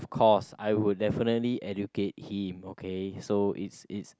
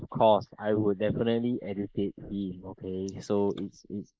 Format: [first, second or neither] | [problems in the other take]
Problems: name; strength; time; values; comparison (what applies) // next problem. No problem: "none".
first | noise reduction (neural mask model Resemble Enhance denoiser)